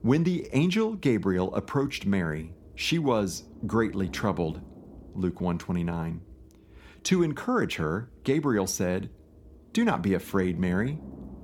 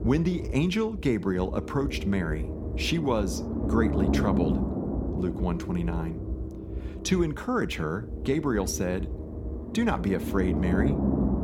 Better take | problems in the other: first | low rumble; loud; throughout; 6 dB below the speech; faint in the first

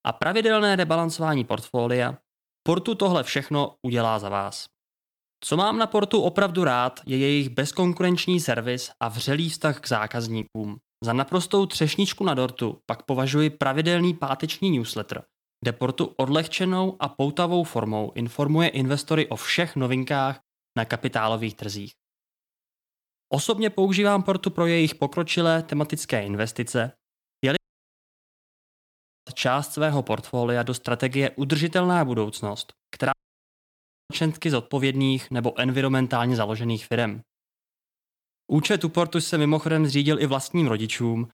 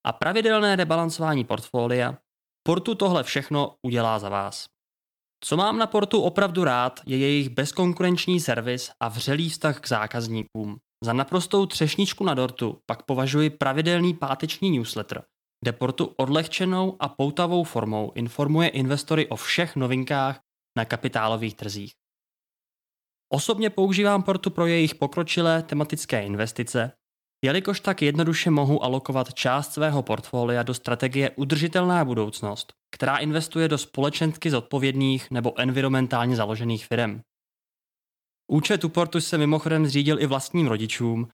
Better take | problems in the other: second | audio cutting out; at 28 s for 1.5 s and at 33 s for 1 s

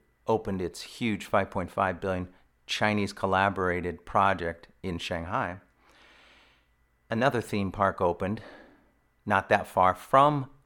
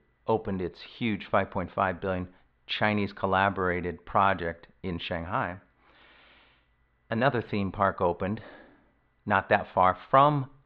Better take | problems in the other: first | muffled; slightly; fading above 4 kHz

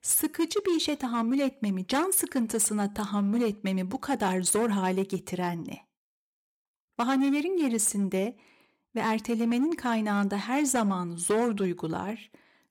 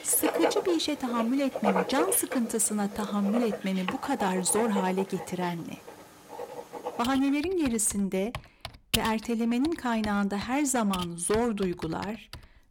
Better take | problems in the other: first | household noises; loud; throughout; 7 dB below the speech

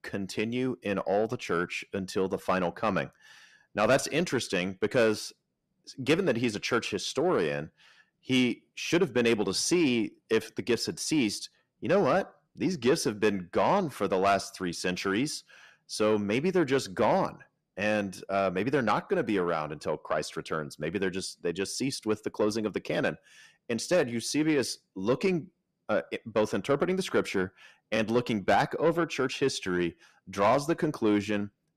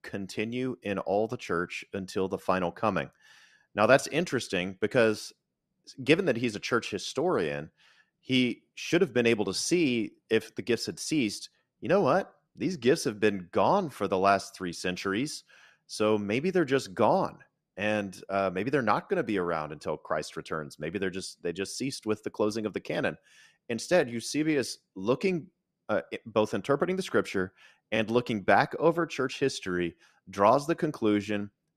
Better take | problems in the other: second | distortion; slight; 10 dB below the speech

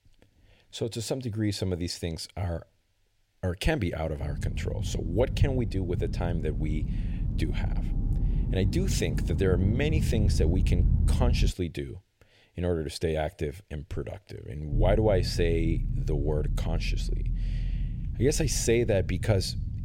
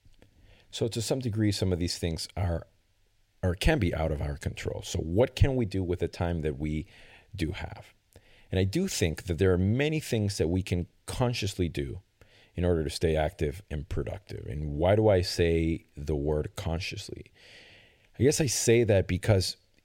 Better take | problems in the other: second | low rumble; noticeable; from 4 to 12 s and from 15 s on; 10 dB below the speech

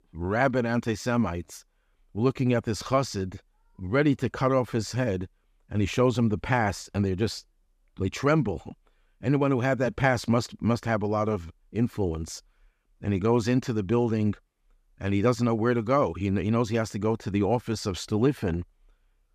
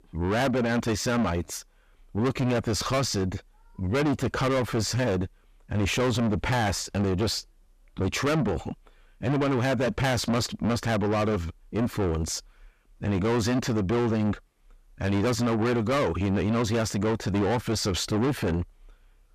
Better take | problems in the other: first | distortion; heavy; 5 dB below the speech

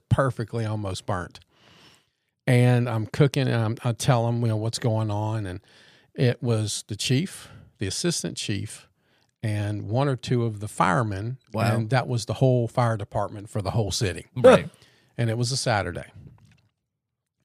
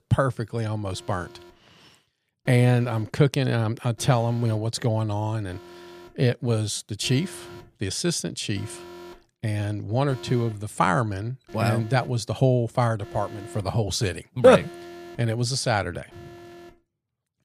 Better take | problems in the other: first | alarms or sirens; faint; throughout; 20 dB below the speech

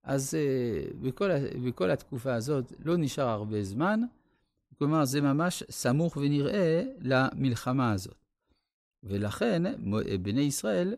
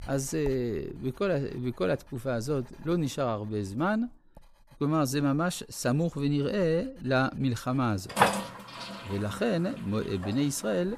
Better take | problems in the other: first | household noises; loud; throughout; 4 dB below the speech

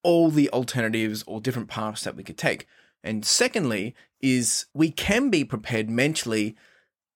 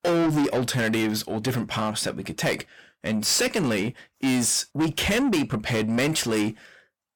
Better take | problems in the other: first | distortion; heavy; 7 dB below the speech

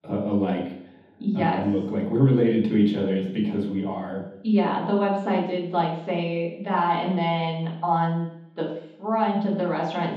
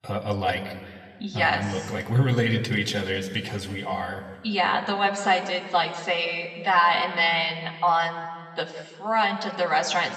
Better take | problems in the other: second | room echo; strong; dies away in 0.9 s; slight in the second // off-mic speech; far; somewhat distant in the second

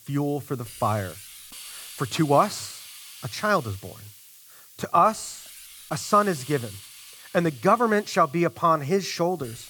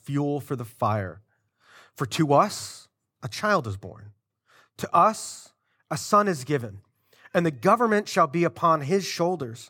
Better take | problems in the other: second | hiss; noticeable; throughout; 20 dB below the speech

